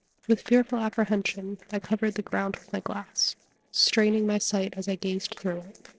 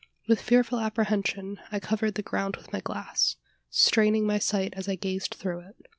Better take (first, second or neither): second